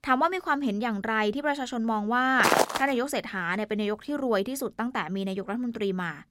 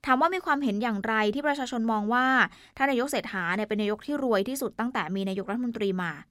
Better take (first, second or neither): second